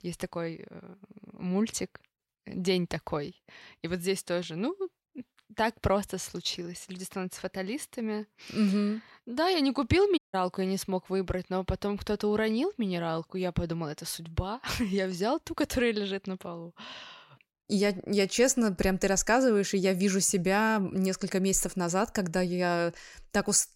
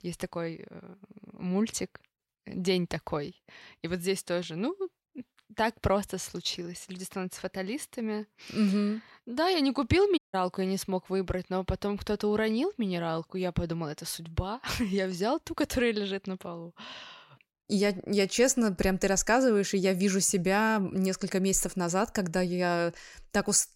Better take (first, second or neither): neither